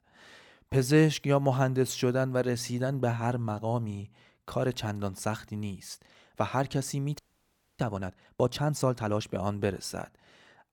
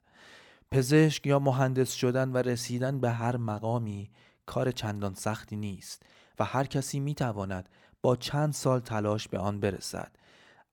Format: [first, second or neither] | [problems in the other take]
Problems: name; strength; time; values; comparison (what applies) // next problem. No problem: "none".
second | audio freezing; at 7 s for 0.5 s